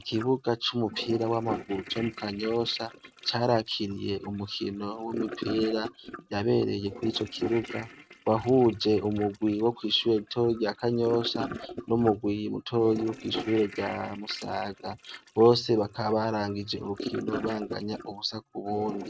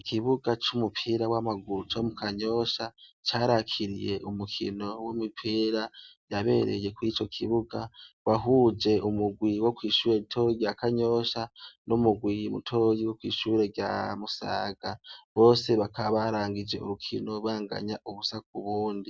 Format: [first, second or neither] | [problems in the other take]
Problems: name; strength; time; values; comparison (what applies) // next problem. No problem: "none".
second | noise reduction (neural mask model RNNoise)